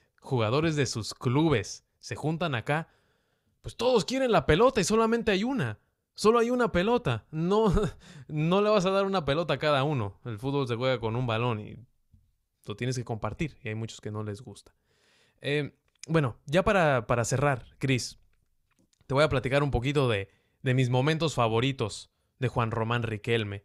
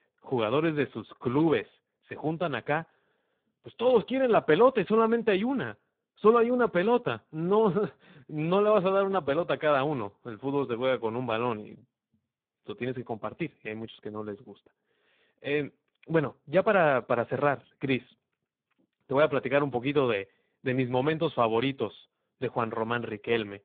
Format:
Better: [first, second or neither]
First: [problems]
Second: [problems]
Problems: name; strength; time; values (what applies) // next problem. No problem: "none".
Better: first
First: none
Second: phone-call audio; poor line